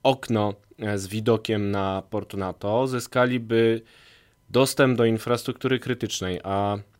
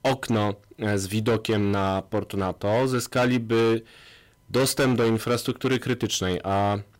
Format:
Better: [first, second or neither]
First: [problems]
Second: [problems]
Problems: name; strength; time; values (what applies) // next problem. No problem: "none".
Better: first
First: none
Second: distortion; heavy; 12% of the sound clipped